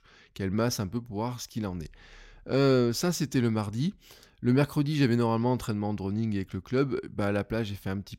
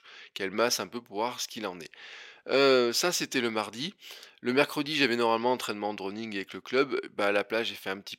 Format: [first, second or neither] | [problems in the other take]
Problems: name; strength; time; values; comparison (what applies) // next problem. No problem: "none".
first | thin; somewhat; fading below 450 Hz